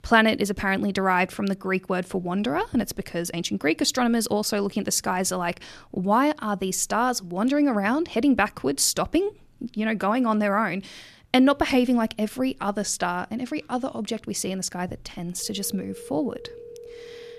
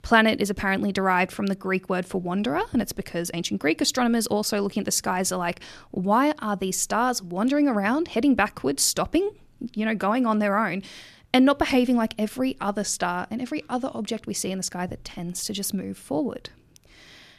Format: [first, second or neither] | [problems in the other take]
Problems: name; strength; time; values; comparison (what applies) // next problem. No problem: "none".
second | phone ringing; faint; from 15 s on; peak 15 dB below the speech